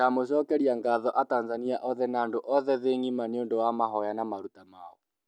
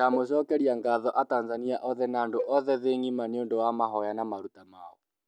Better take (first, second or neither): first